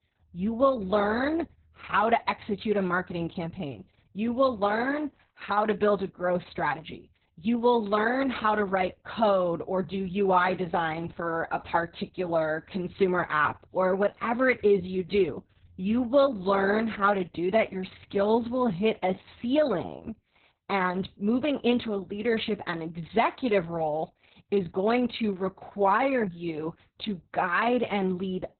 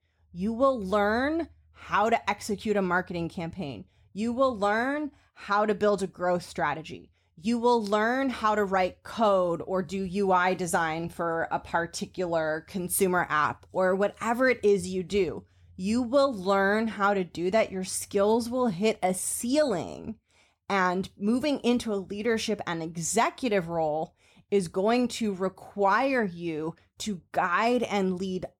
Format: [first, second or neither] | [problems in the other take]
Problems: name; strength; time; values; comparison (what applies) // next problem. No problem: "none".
second | garbled, watery; badly; nothing above 4 kHz